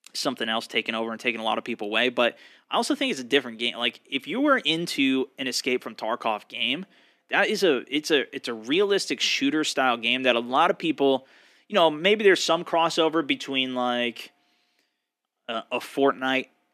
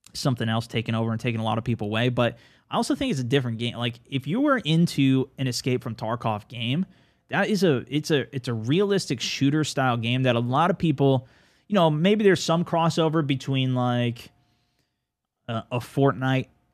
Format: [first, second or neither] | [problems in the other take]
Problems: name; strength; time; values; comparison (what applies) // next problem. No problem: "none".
second | thin; somewhat; fading below 250 Hz